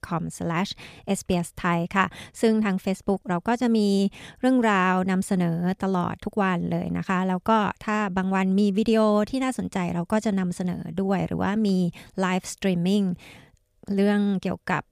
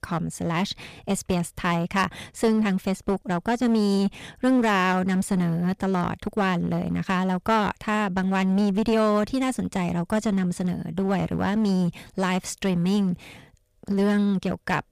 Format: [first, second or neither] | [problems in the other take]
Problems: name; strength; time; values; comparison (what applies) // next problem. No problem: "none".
first | distortion; slight; 9% of the sound clipped